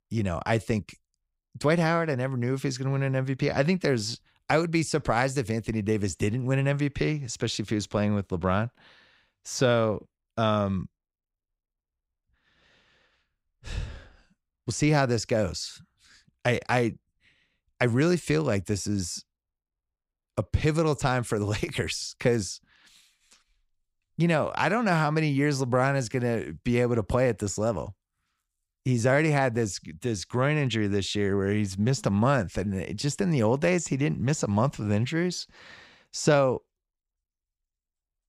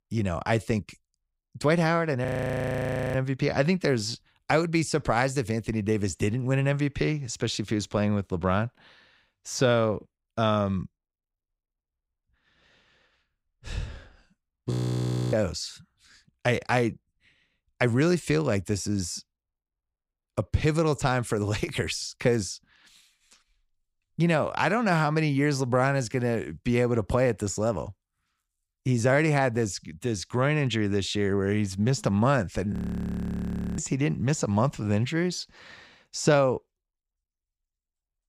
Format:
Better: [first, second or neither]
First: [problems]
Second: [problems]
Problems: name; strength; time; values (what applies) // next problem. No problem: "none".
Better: first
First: none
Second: audio freezing; at 2.5 s for 1 s, at 15 s for 0.5 s and at 33 s for 1 s